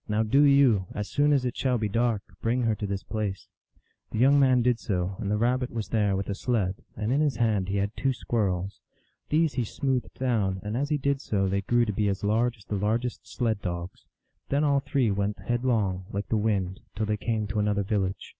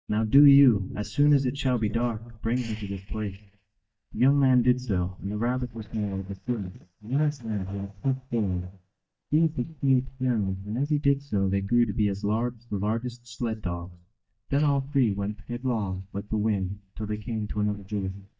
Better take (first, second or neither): first